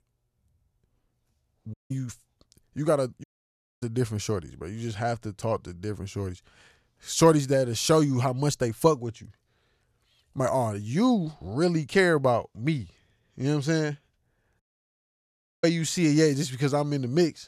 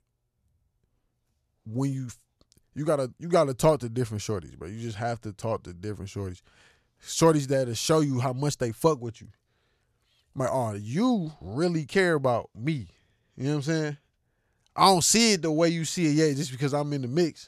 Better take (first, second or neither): second